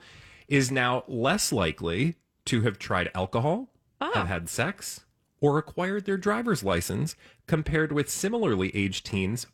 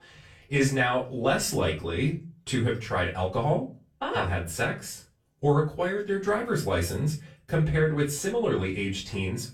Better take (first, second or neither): first